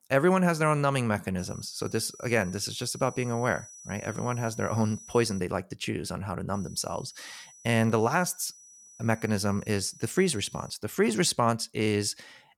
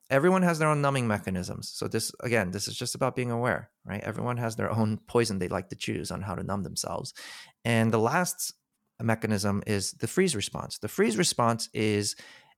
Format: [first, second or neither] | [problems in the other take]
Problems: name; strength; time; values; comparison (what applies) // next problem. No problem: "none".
second | high-pitched whine; noticeable; from 1.5 to 5.5 s and from 6.5 to 11 s; 6 kHz, 20 dB below the speech